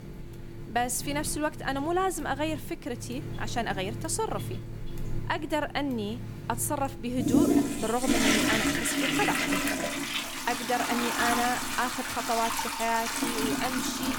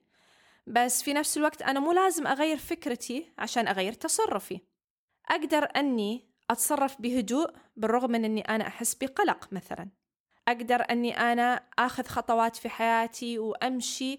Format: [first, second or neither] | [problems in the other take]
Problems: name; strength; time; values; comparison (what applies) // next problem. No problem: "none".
second | household noises; very loud; throughout; 2 dB above the speech